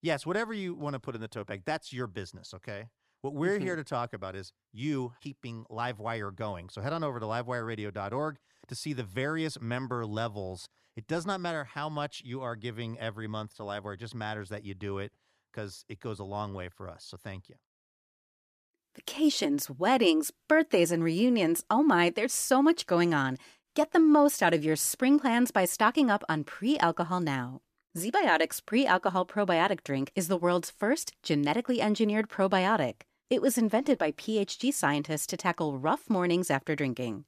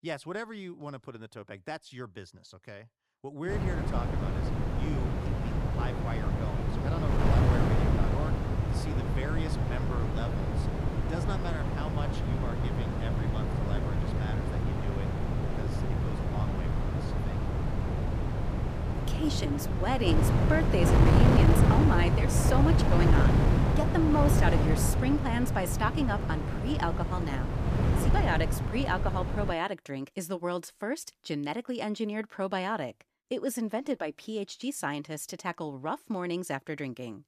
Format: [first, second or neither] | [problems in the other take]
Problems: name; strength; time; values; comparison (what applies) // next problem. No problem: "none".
first | wind noise on the microphone; heavy; from 3.5 to 30 s; 1 dB below the speech